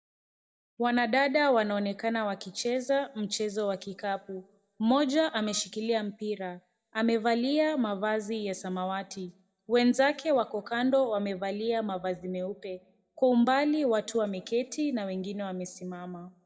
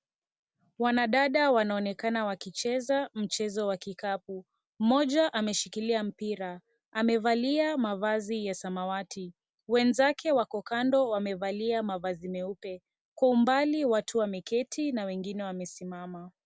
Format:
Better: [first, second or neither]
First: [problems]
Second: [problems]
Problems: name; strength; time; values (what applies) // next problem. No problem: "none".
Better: second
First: noise reduction (neural mask model DeepFilterNet 3)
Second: none